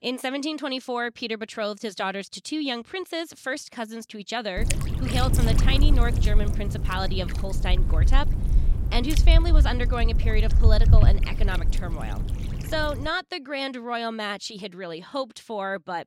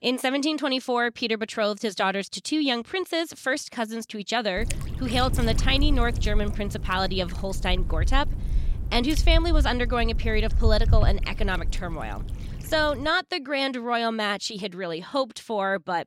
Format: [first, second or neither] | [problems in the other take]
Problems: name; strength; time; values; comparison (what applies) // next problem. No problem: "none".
second | wind noise on the microphone; heavy; from 4.5 to 13 s; 9 dB below the speech; occasional gusts in the second